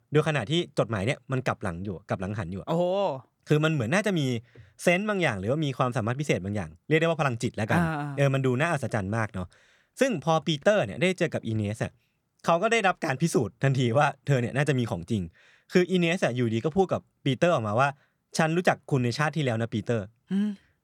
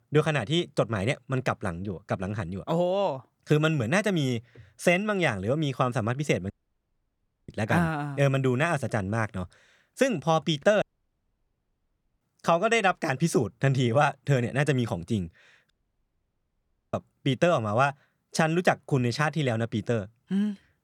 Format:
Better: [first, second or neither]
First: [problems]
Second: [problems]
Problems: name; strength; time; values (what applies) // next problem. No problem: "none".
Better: first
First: none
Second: audio cutting out; at 6.5 s for 1 s, at 11 s for 1.5 s and at 16 s for 1 s